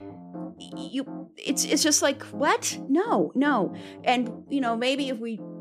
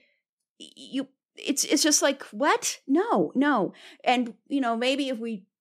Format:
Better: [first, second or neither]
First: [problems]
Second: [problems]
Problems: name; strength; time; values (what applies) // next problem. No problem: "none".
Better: second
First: background music; noticeable; throughout; 15 dB below the speech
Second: none